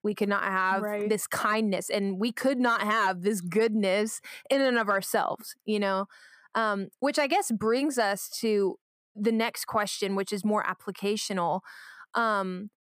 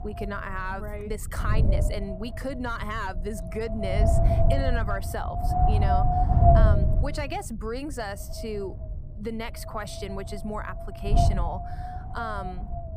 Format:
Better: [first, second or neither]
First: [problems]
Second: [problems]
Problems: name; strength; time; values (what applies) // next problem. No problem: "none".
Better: first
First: none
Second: wind noise on the microphone; heavy; 4 dB above the speech